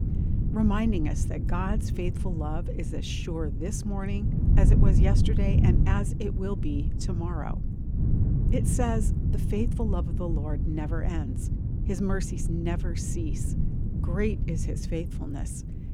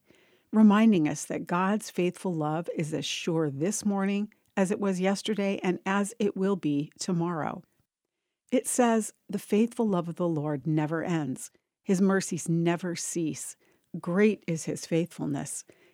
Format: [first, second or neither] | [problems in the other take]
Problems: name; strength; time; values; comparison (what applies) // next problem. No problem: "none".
second | wind noise on the microphone; heavy; 5 dB below the speech